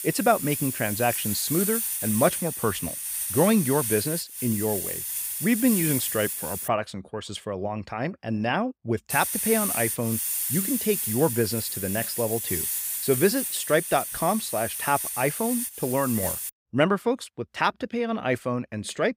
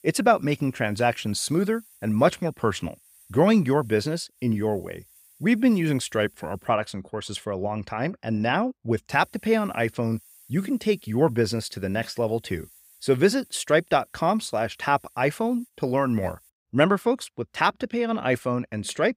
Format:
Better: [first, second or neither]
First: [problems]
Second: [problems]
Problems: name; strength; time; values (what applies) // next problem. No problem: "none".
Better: second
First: hiss; loud; until 6.5 s and from 9 to 16 s; 1 dB below the speech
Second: hiss; faint; until 6.5 s and from 9 to 16 s; 30 dB below the speech